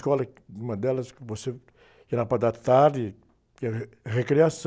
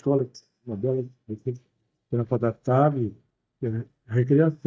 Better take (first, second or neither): first